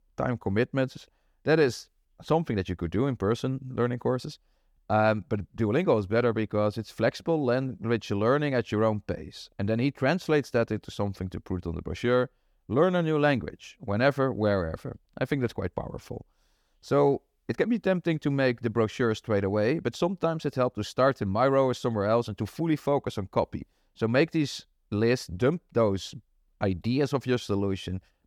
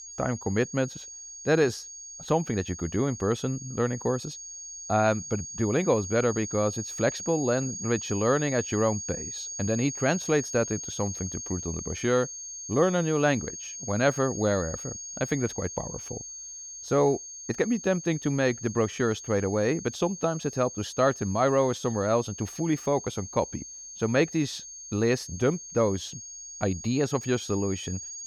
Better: first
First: none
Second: high-pitched whine; loud; throughout; 6.5 kHz, 9 dB below the speech

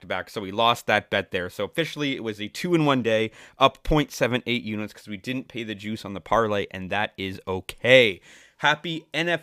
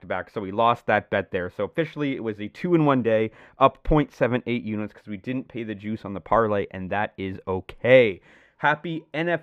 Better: first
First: none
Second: muffled; very; fading above 3 kHz

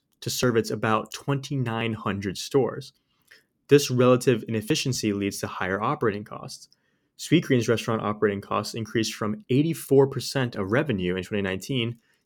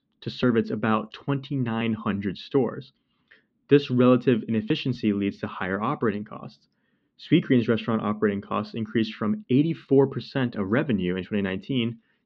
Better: first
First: none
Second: muffled; slightly; fading above 4 kHz

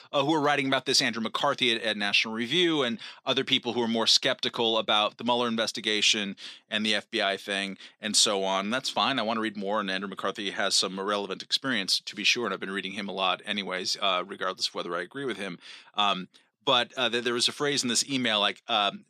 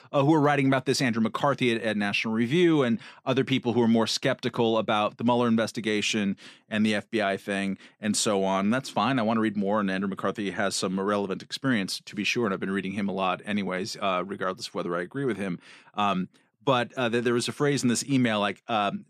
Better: second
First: thin; very slightly; fading below 450 Hz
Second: none

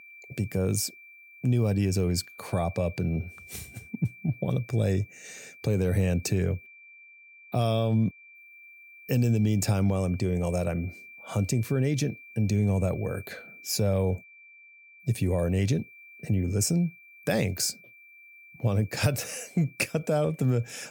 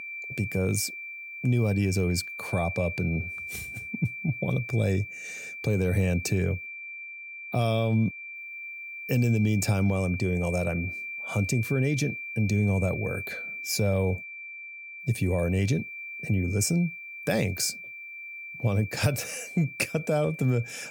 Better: first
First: high-pitched whine; faint; throughout; 2.5 kHz, 20 dB below the speech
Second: high-pitched whine; loud; throughout; 2.5 kHz, 9 dB below the speech

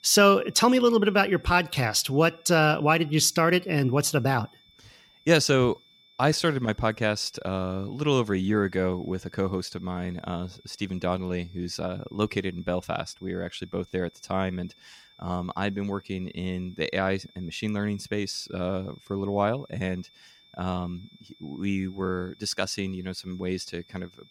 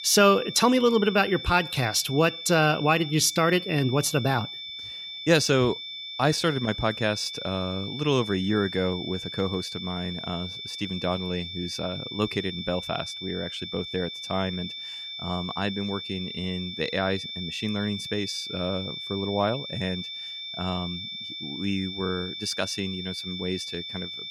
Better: first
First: high-pitched whine; faint; throughout; 3.5 kHz, 30 dB below the speech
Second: high-pitched whine; loud; throughout; 3.5 kHz, 8 dB below the speech

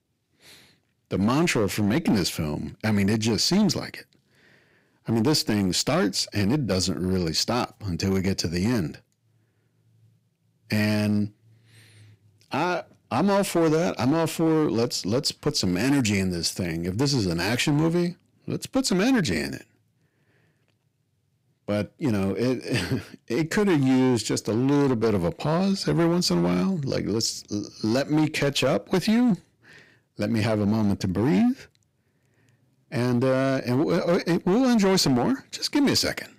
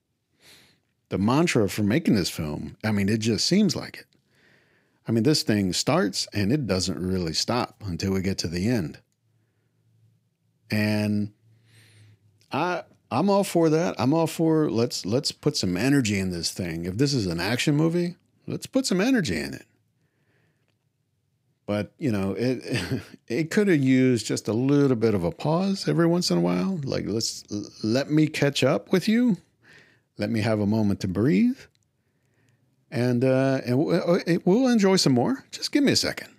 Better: second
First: distortion; slight; 8% of the sound clipped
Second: none

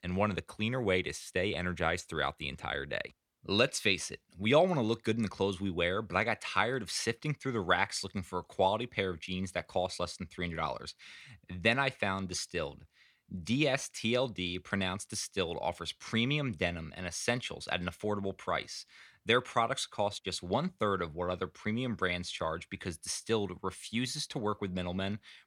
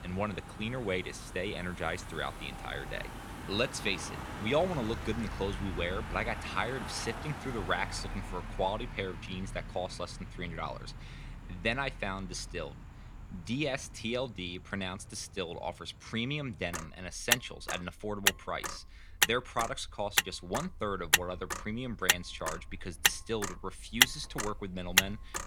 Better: first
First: none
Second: traffic noise; very loud; throughout; 3 dB above the speech

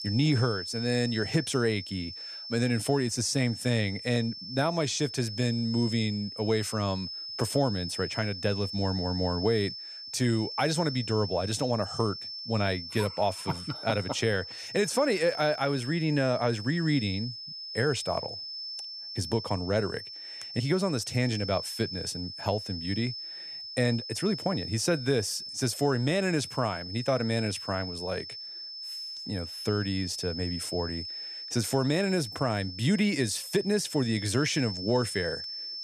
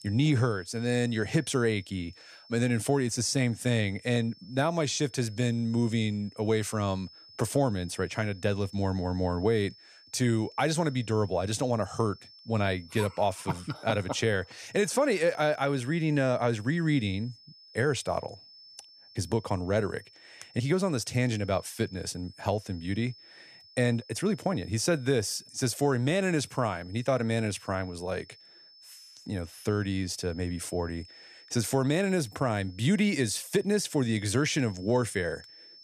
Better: second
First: high-pitched whine; loud; throughout; 5.5 kHz, 8 dB below the speech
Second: high-pitched whine; faint; throughout; 5.5 kHz, 20 dB below the speech

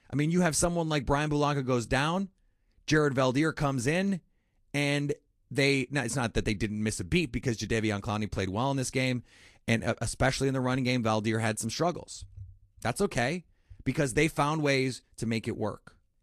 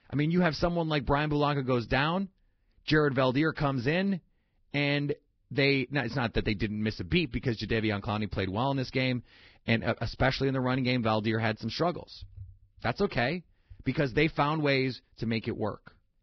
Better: first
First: garbled, watery; slightly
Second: garbled, watery; badly; nothing above 5.5 kHz

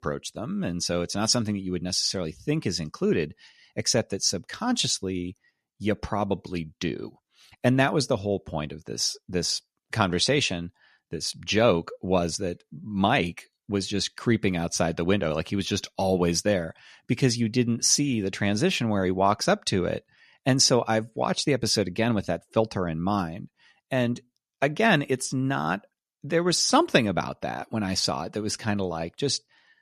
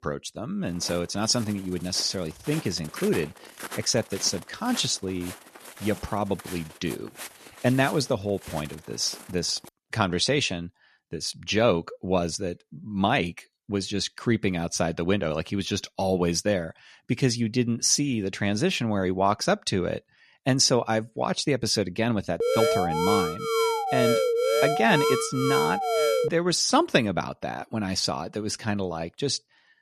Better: first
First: none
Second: footsteps; faint; from 1 to 9.5 s; peak 10 dB below the speech // alarm; loud; from 22 to 26 s; peak 3 dB above the speech

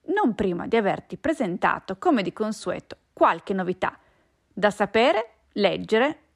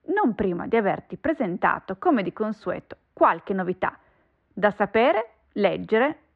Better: first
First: none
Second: muffled; slightly; fading above 2 kHz

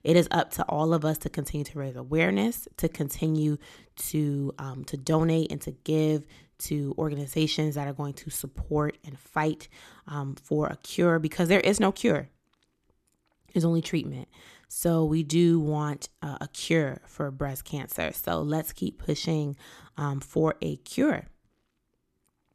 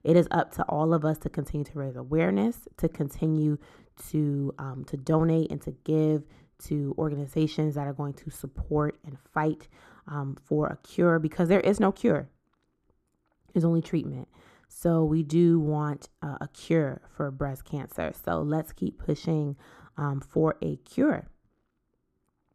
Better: first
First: none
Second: muffled; slightly; fading above 1.5 kHz

